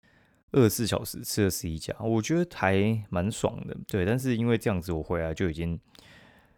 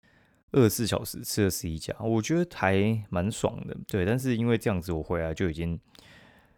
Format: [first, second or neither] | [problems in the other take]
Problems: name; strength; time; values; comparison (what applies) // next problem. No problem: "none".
neither | none